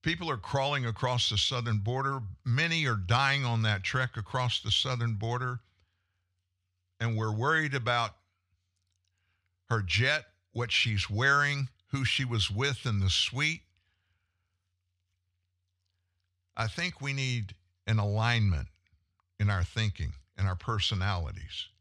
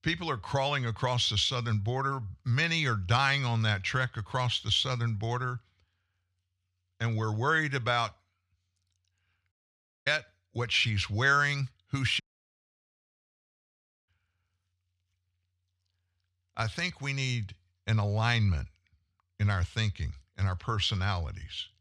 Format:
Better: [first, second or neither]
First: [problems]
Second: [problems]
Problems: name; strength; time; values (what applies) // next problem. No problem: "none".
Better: first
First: none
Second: audio cutting out; at 9.5 s for 0.5 s and at 12 s for 2 s